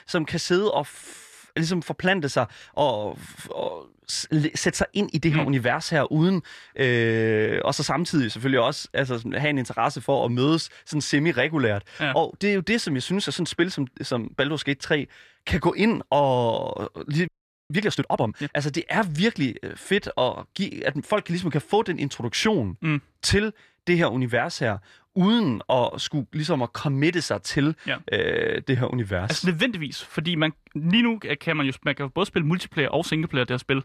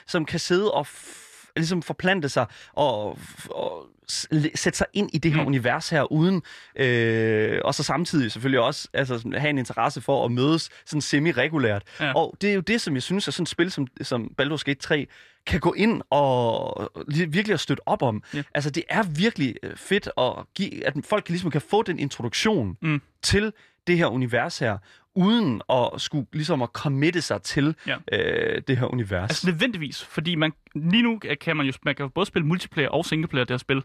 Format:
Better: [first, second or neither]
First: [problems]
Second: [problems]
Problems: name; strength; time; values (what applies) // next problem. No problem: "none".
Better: second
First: audio freezing; at 17 s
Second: none